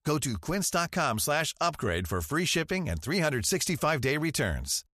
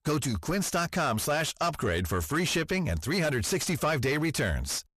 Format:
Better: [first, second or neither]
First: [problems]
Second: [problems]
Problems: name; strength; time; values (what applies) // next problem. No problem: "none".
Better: first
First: none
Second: distortion; slight; 10 dB below the speech